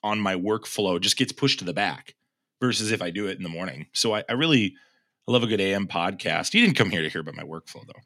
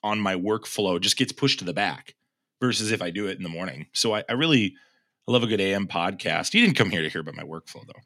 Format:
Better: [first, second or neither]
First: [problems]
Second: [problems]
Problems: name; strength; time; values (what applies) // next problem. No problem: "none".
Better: neither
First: none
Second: none